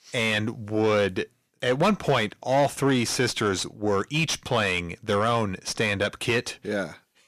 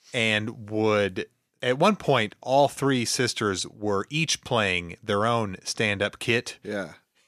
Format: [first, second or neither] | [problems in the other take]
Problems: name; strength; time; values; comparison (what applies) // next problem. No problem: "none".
second | distortion; slight; 10 dB below the speech